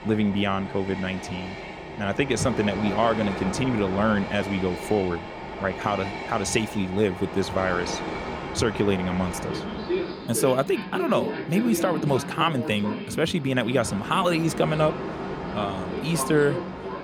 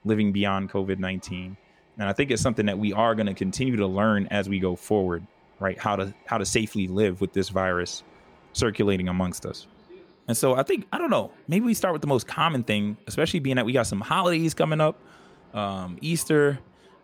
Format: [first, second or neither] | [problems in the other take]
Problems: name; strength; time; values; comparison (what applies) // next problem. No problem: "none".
second | train or aircraft noise; loud; throughout; 7 dB below the speech; faint in the second